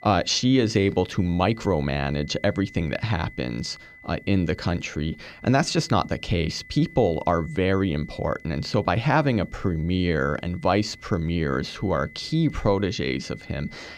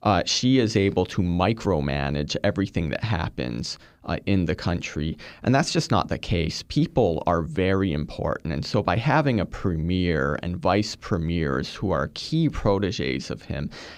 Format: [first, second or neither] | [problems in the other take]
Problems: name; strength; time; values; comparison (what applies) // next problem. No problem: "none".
second | high-pitched whine; faint; throughout; 2 kHz, 20 dB below the speech